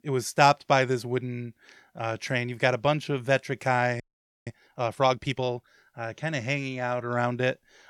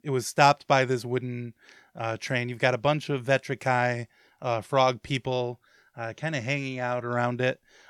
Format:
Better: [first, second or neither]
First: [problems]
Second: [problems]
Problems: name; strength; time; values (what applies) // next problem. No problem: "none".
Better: second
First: audio freezing; at 4 s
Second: none